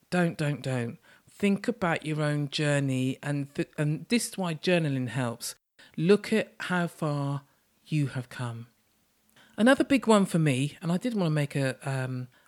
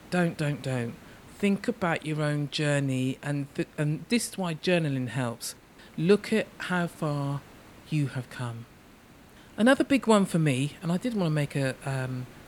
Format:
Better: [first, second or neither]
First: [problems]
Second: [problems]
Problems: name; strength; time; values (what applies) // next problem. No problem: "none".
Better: first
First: none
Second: hiss; faint; throughout; 25 dB below the speech